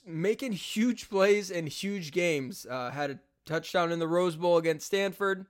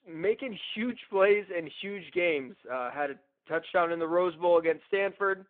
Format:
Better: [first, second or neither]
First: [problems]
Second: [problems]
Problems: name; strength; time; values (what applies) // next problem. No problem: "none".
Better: first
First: none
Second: phone-call audio